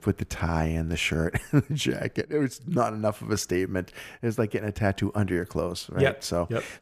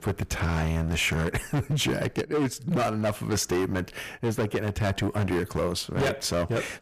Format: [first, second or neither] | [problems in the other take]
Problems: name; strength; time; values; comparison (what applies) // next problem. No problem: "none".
first | distortion; heavy; 19% of the sound clipped